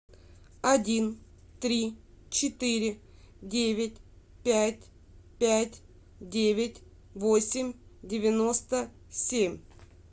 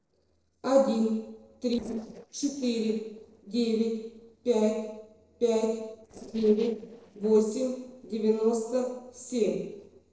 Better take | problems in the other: first | noise reduction (neural separator model SepFormer DNS4)

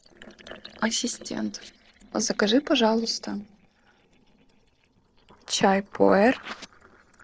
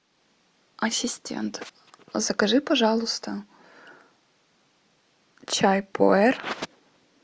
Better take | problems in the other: second | noise reduction (neural separator model SepFormer DNS4)

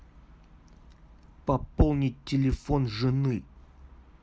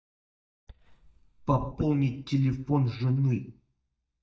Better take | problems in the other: first | noise reduction (neural mask model DeepFilterNet 3)

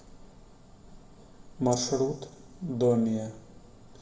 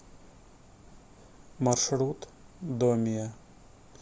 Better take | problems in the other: second | room echo; dies away in 0.9 s

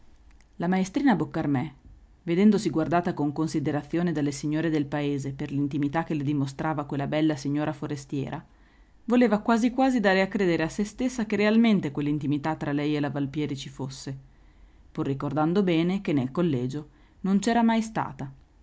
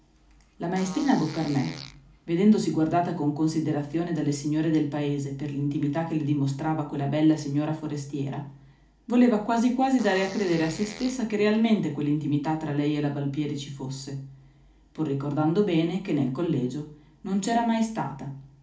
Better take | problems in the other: first | background sound (Fart); 19 dB below the speech // room echo; dies away in 0.4 s

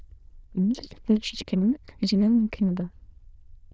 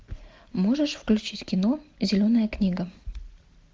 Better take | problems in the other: second | noise reduction (neural diffusion model UNIVERSE++)

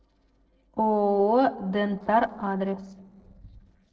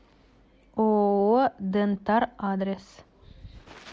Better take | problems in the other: second | noise reduction (neural separator model SepFormer DNS4)

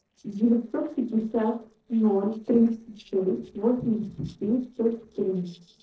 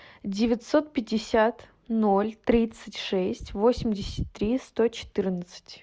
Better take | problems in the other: second | noise reduction (neural separator model SepFormer DNS4)

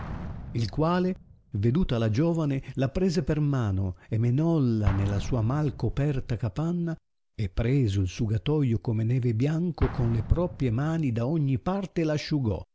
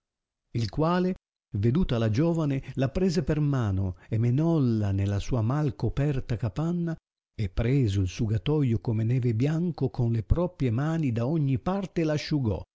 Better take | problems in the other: second | background sound (Explosion); 14 dB below the speech

